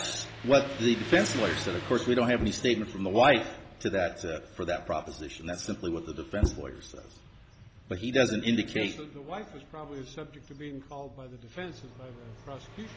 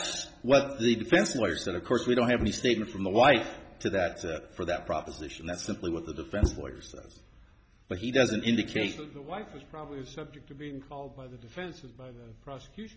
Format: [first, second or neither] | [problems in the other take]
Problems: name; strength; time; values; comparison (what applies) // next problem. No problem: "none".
second | background sound (Motorcycle); 15 dB below the speech